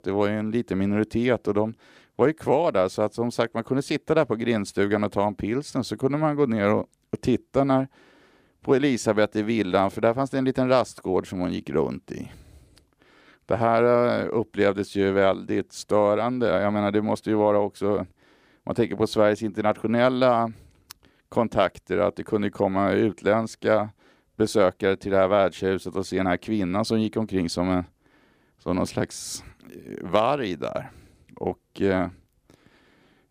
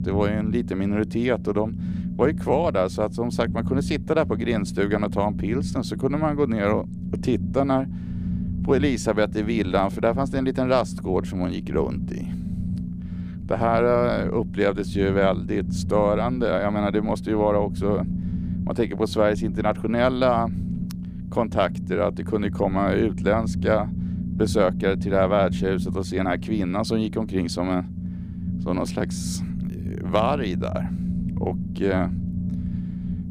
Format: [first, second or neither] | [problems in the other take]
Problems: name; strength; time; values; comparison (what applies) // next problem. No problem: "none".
first | low rumble; noticeable; throughout; 15 dB below the speech